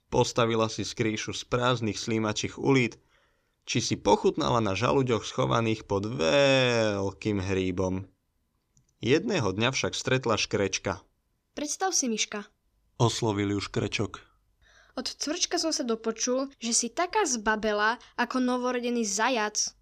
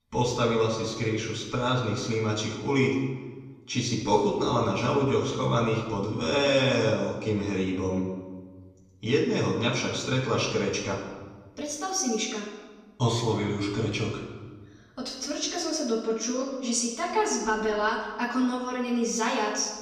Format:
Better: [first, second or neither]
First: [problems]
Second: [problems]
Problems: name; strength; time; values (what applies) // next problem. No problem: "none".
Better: first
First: none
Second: off-mic speech; far // room echo; noticeable; dies away in 1.1 s